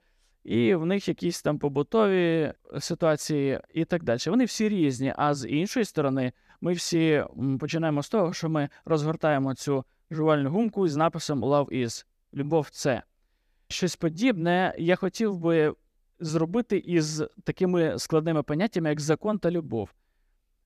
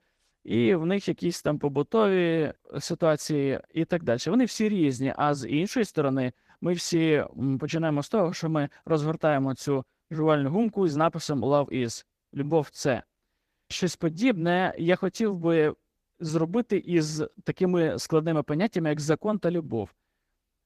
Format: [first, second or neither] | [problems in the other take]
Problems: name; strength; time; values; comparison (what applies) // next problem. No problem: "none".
first | garbled, watery; slightly; nothing above 14.5 kHz